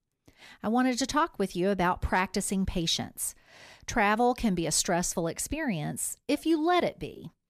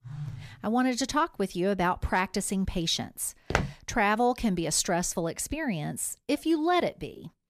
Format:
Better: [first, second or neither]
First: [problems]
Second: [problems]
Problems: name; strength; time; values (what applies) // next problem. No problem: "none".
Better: first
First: none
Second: phone ringing; faint; at the start; peak 10 dB below the speech // footsteps; noticeable; at 3.5 s; peak 2 dB below the speech